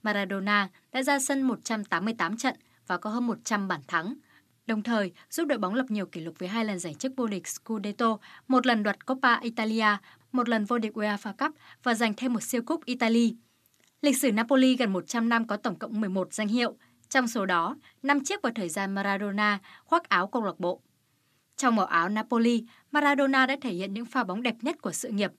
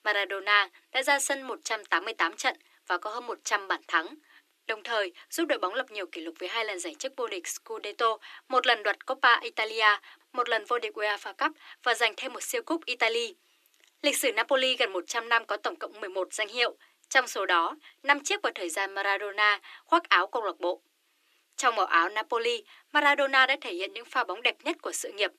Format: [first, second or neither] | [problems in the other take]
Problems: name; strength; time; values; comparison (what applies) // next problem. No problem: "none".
first | thin; very; fading below 300 Hz